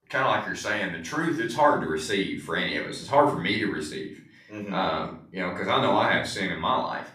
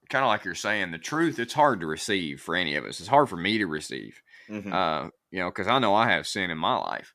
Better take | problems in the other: second | off-mic speech; somewhat distant // room echo; slight; dies away in 0.4 s

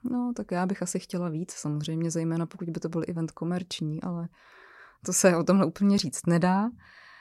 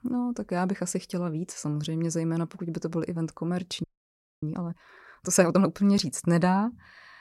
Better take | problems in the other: first | audio freezing; at 4 s for 0.5 s

